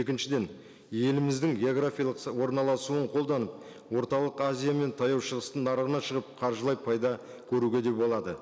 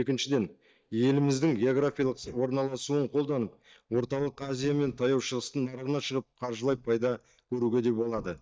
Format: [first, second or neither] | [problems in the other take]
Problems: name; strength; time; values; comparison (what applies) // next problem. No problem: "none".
first | noise reduction (neural mask model DeepFilterNet 3)